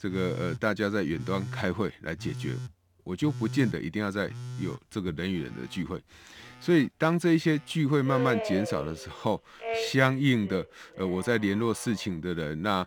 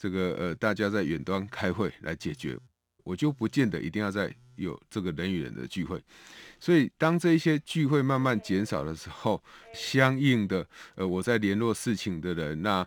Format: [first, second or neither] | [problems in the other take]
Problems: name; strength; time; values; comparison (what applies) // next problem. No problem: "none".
second | alarms or sirens; loud; throughout; 9 dB below the speech; faint in the second